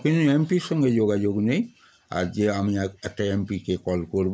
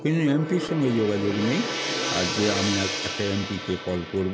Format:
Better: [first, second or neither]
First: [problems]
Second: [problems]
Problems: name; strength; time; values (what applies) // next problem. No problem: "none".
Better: first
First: none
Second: background sound (Gong); 4 dB below the speech